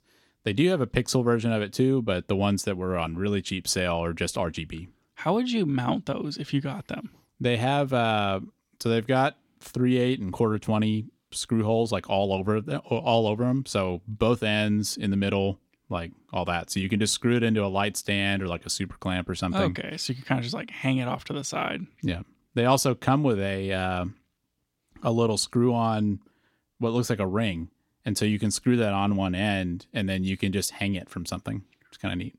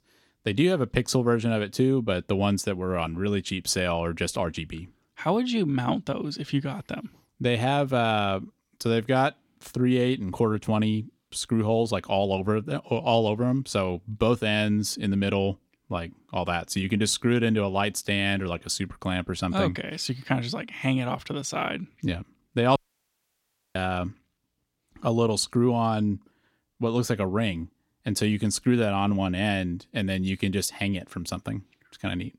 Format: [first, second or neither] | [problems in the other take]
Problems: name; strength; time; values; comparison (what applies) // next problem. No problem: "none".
first | audio cutting out; at 23 s for 1 s